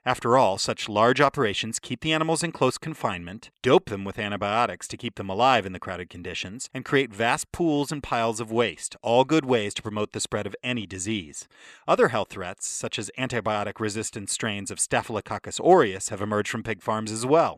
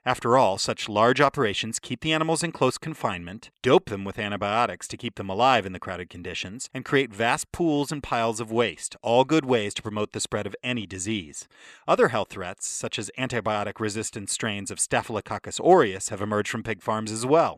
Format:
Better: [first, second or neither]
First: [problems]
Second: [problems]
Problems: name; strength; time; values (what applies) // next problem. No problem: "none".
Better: neither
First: none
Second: none